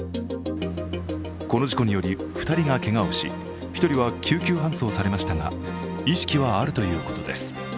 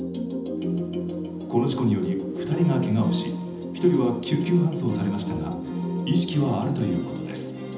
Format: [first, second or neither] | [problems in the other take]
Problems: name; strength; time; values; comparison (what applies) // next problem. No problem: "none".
first | room echo; dies away in 0.8 s